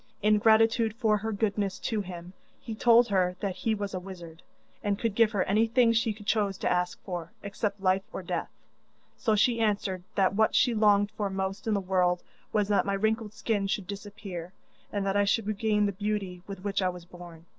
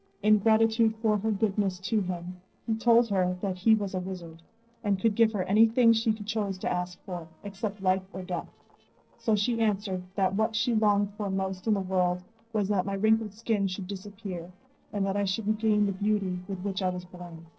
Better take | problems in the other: first | noise reduction (neural separator model SepFormer DNS4)

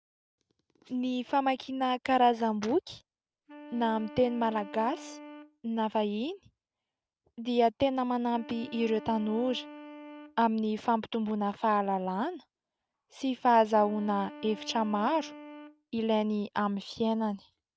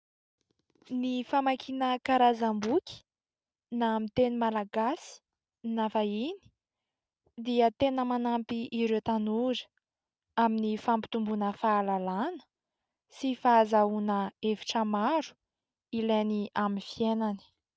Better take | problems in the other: second | background sound (Wind instrument, woodwind instrument); 18 dB below the speech

